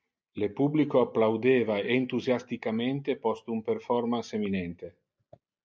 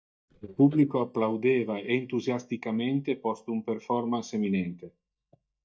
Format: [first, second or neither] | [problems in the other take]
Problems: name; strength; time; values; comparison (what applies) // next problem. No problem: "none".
first | noise reduction (neural mask model DeepFilterNet 3)